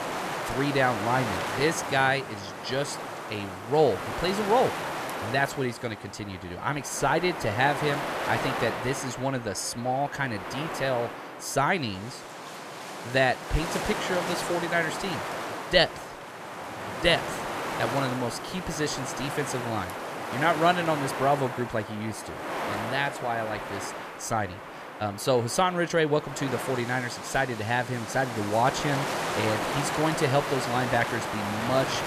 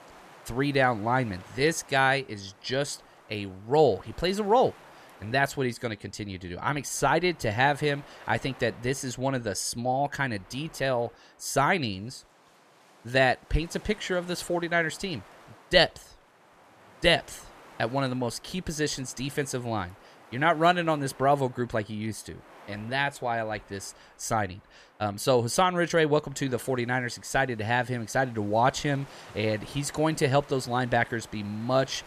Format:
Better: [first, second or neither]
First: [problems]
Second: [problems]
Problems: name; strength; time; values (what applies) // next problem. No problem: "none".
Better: second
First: wind noise on the microphone; heavy; 5 dB below the speech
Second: wind noise on the microphone; occasional gusts; 25 dB below the speech